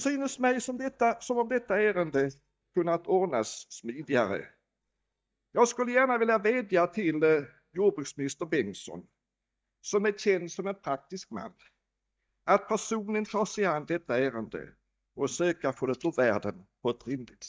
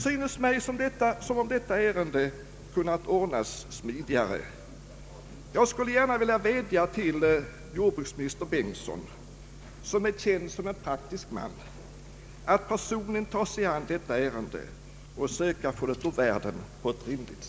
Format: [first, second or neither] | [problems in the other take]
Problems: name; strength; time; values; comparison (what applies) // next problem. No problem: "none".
second | noise reduction (neural mask model DeepFilterNet 3)